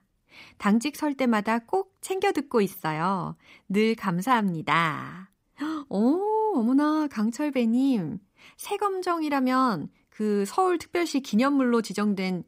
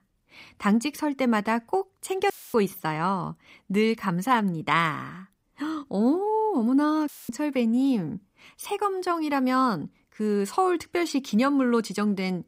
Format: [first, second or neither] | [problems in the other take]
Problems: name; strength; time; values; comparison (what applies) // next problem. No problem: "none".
first | audio cutting out; filled with static; at 2.5 s and at 7 s